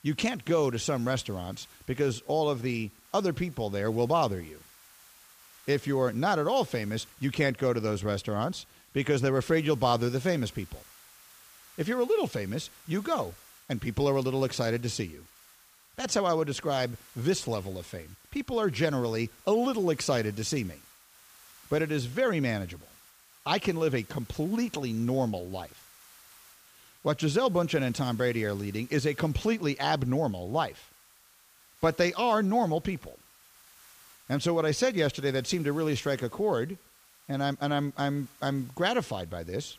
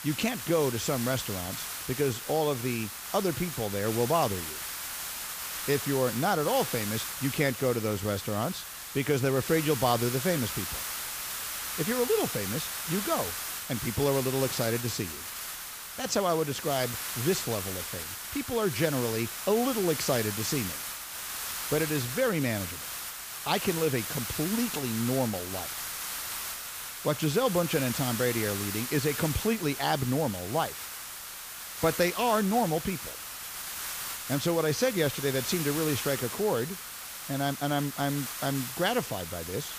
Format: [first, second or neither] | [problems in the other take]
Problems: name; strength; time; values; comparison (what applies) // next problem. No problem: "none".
first | hiss; loud; throughout; 5 dB below the speech; faint in the first